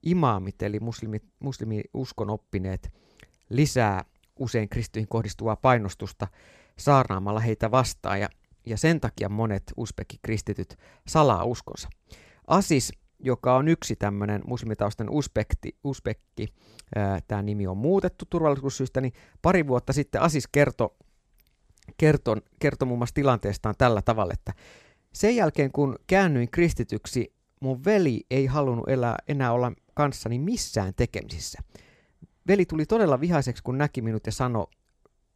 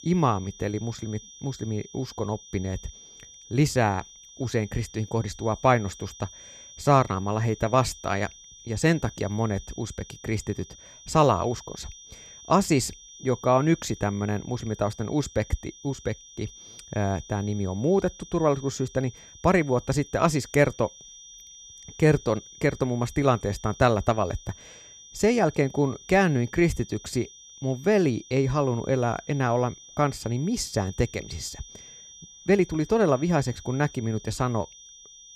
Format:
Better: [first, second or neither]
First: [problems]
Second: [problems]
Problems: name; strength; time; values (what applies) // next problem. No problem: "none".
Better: first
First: none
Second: high-pitched whine; noticeable; throughout; 6 kHz, 20 dB below the speech